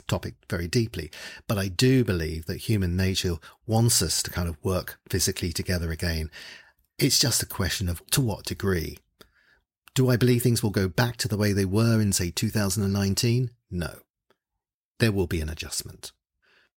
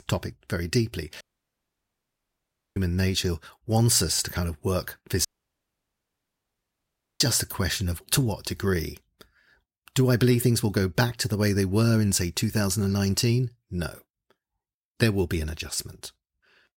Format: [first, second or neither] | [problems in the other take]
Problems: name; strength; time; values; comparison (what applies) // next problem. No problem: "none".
first | audio cutting out; at 1 s for 1.5 s and at 5.5 s for 2 s